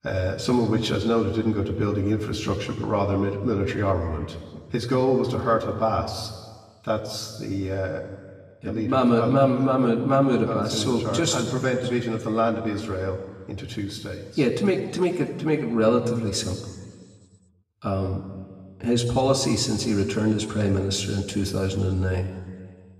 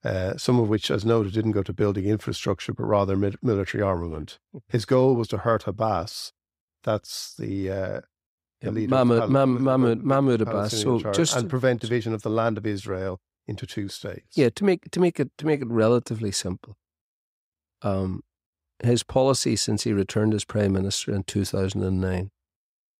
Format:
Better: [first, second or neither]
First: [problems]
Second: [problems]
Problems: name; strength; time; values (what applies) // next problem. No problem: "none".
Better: second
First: room echo; slight; dies away in 1.4 s // off-mic speech; somewhat distant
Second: none